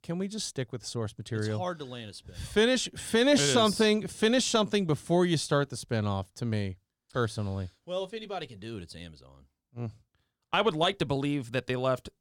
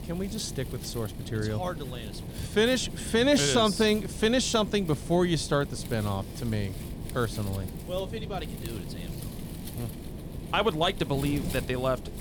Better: first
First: none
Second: wind noise on the microphone; occasional gusts; 15 dB below the speech

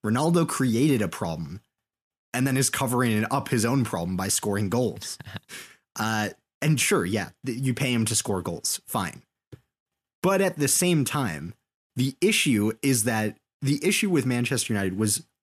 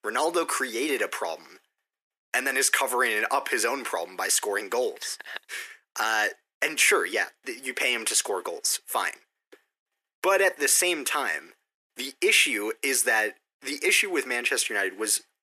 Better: first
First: none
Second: thin; very; fading below 400 Hz

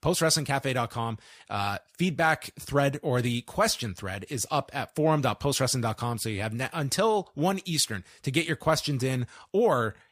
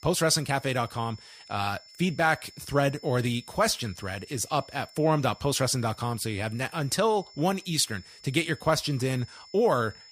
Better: first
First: none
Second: high-pitched whine; faint; throughout; 5.5 kHz, 20 dB below the speech

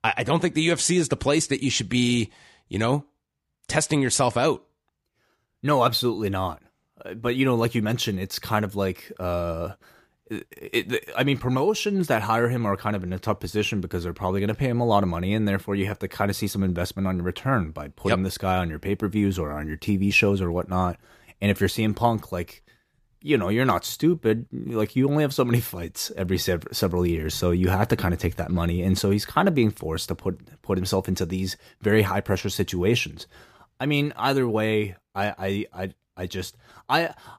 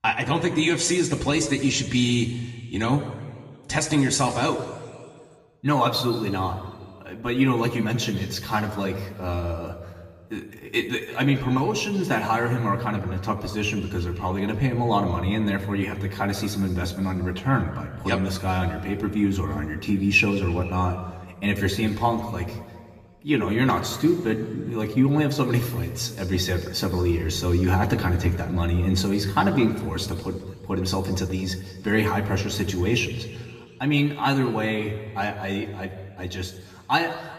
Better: first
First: none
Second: room echo; slight; dies away in 1.5 s // off-mic speech; somewhat distant

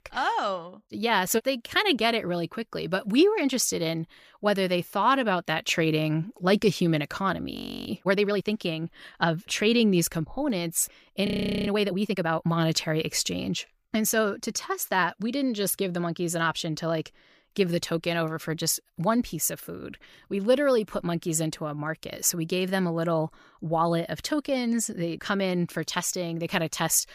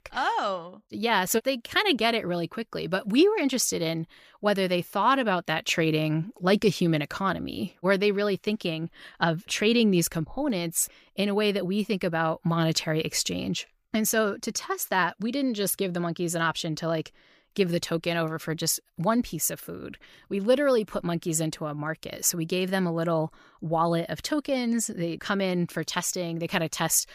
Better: second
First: audio freezing; at 7.5 s and at 11 s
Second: none

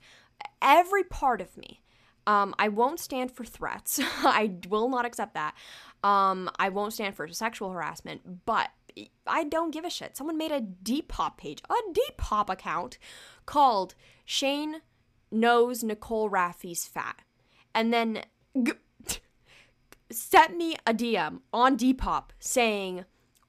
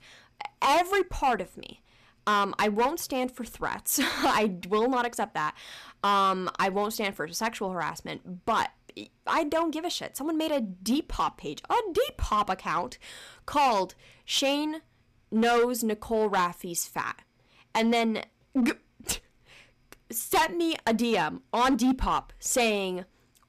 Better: first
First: none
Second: distortion; heavy; 6% of the sound clipped

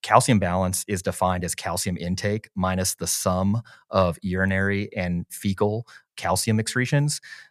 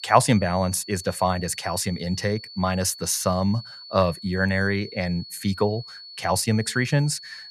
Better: first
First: none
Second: high-pitched whine; noticeable; throughout; 4.5 kHz, 15 dB below the speech

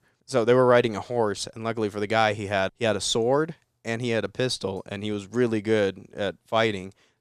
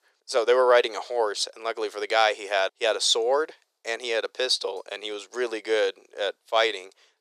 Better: first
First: none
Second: thin; very; fading below 400 Hz

